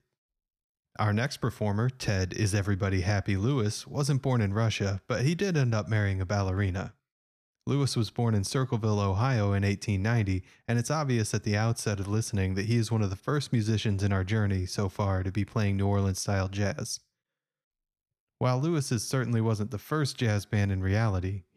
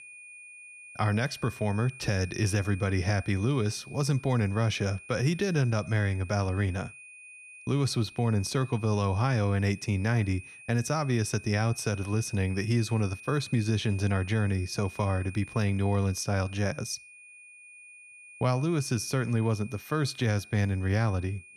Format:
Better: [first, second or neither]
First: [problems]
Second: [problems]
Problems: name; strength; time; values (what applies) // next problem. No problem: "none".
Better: first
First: none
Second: high-pitched whine; noticeable; throughout; 2.5 kHz, 15 dB below the speech